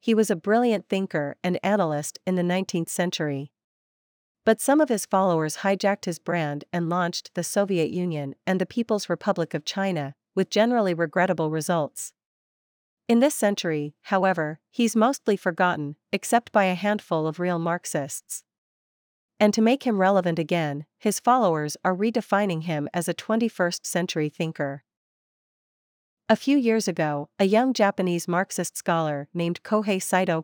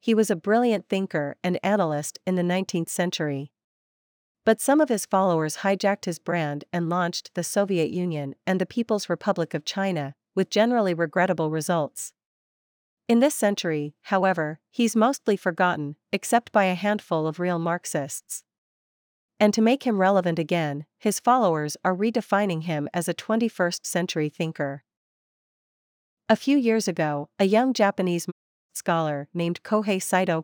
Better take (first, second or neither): first